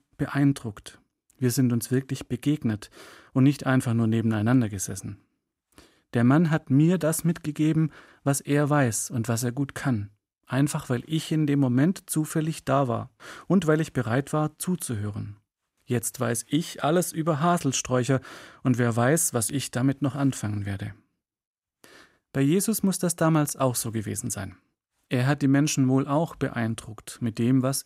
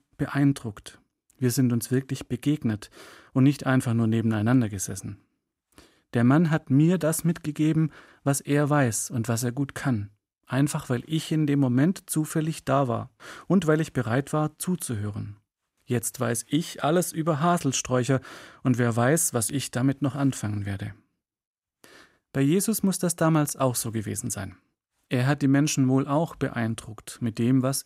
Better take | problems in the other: neither | none

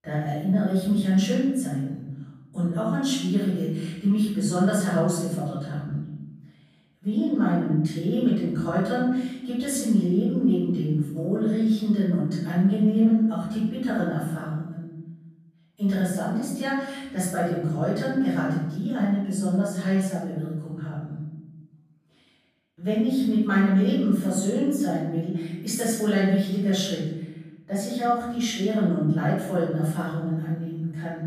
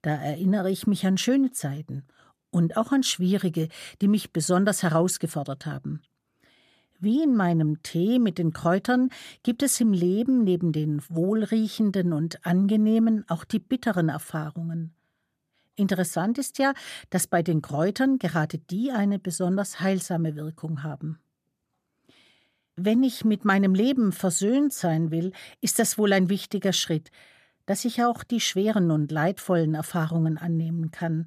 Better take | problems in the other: second | off-mic speech; far // room echo; noticeable; dies away in 0.9 s

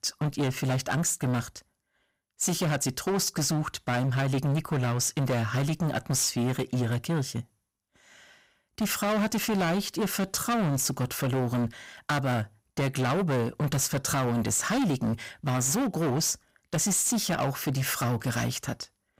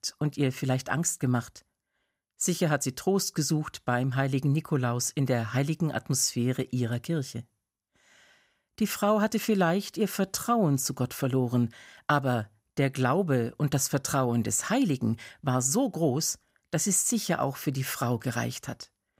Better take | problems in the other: second | distortion; heavy; 21% of the sound clipped

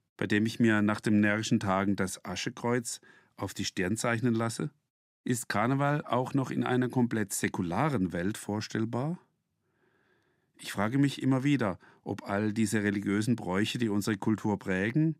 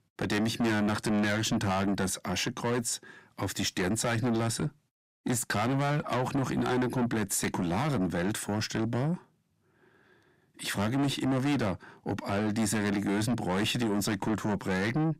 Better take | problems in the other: first | distortion; heavy; 6 dB below the speech

